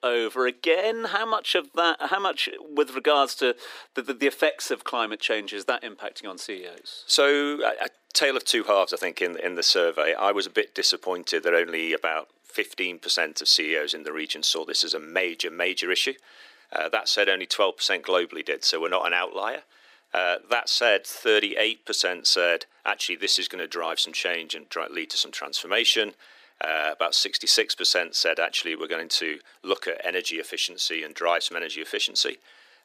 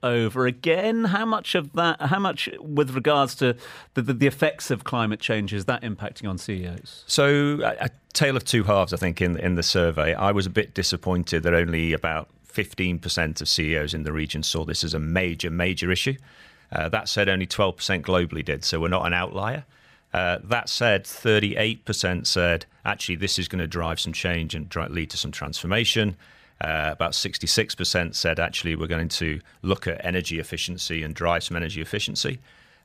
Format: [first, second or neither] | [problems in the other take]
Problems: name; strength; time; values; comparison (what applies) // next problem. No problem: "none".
second | thin; somewhat; fading below 300 Hz